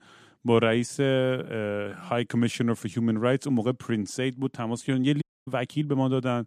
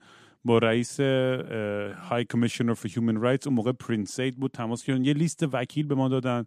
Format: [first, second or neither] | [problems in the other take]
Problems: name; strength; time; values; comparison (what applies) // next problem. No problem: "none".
second | audio cutting out; at 5 s